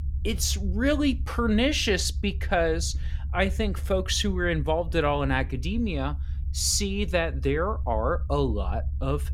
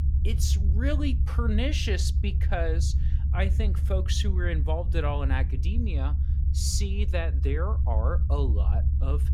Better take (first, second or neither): first